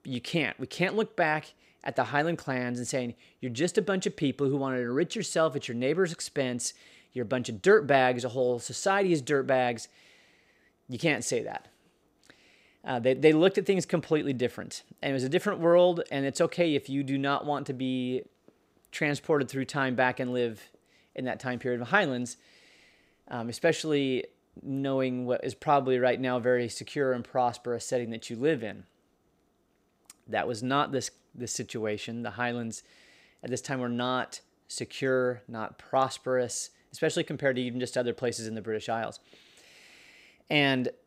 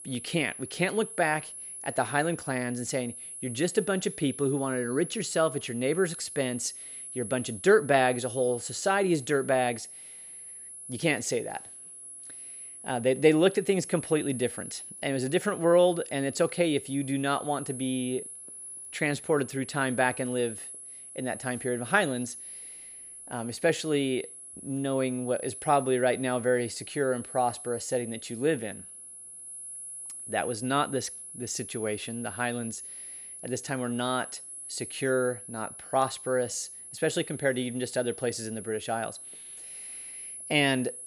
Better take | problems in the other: first | high-pitched whine; noticeable; throughout; 10.5 kHz, 10 dB below the speech

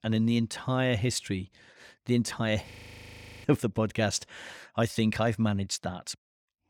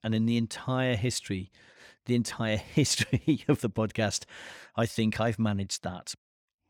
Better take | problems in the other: second | audio freezing; at 2.5 s for 0.5 s

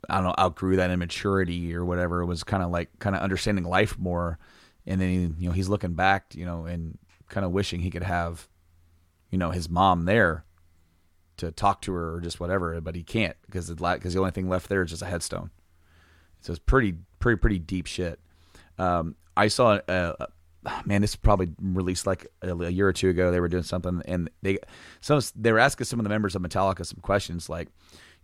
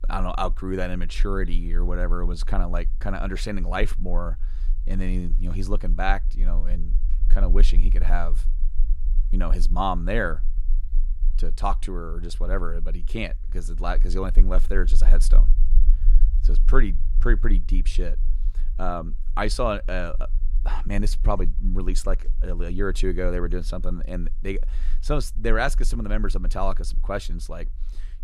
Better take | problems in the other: first | low rumble; faint; throughout; 25 dB below the speech

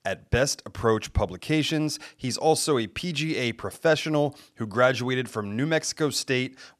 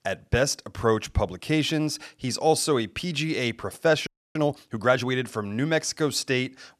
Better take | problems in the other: first | audio freezing; at 4 s

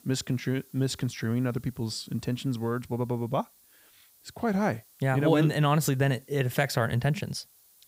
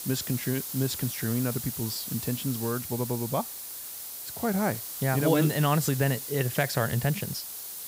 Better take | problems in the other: first | hiss; loud; throughout; 6 dB below the speech; faint in the first

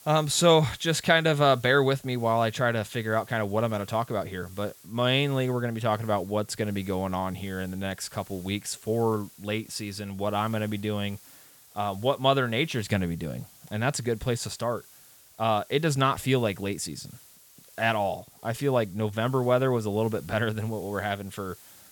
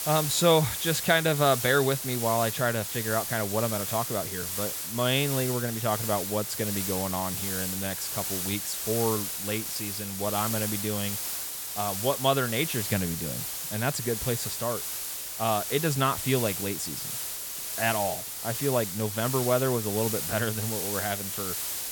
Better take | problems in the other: first | hiss; loud; throughout; 2 dB below the speech; faint in the first

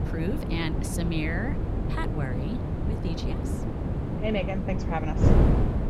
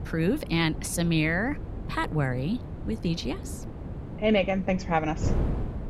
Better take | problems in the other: second | wind noise on the microphone; heavy; 1 dB below the speech; occasional gusts in the second

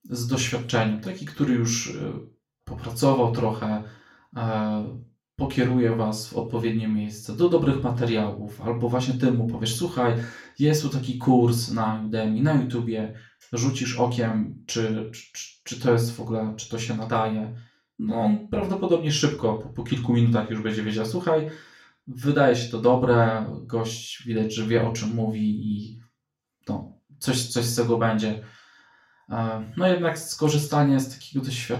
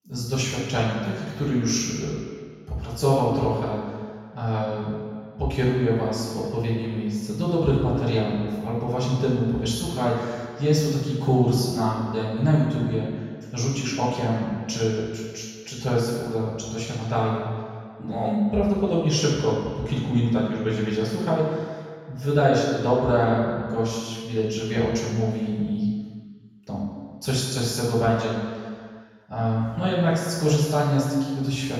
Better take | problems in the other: first | room echo; strong; dies away in 1.7 s; slight in the first // off-mic speech; far; far in the first

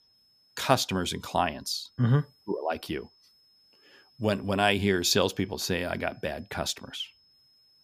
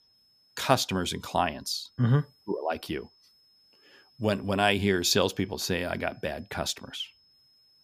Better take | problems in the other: neither | high-pitched whine; faint; throughout; 5 kHz, 30 dB below the speech; the same in both

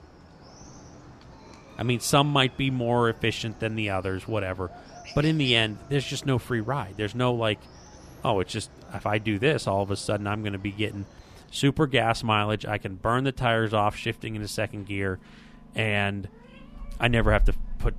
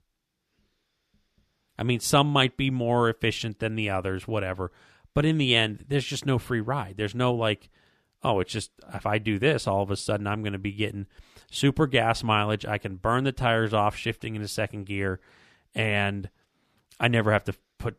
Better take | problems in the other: second | animal sounds; noticeable; throughout; 15 dB below the speech

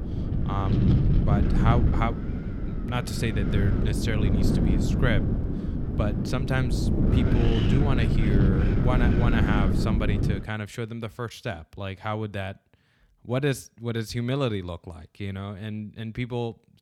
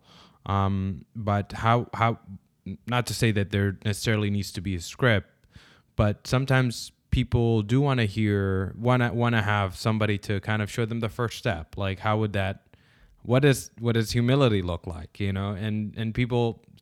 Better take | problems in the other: second | wind noise on the microphone; heavy; until 10 s; 1 dB below the speech

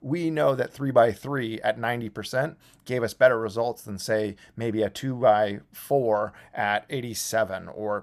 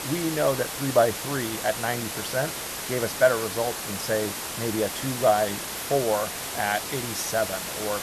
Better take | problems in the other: first | hiss; loud; throughout; 4 dB below the speech

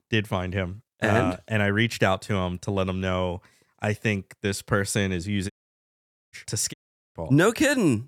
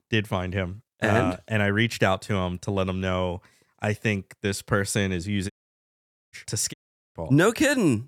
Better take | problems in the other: neither | audio cutting out; at 5.5 s for 1 s and at 6.5 s; the same in both

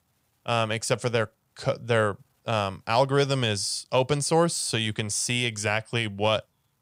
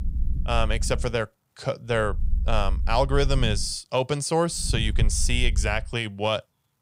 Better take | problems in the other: first | low rumble; faint; until 1 s, from 2 to 3.5 s and from 4.5 to 6 s; 20 dB below the speech

